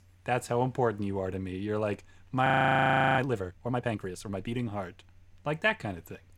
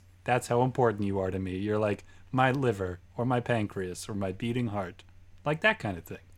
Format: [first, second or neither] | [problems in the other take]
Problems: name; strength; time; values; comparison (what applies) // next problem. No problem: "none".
second | audio freezing; at 2.5 s for 0.5 s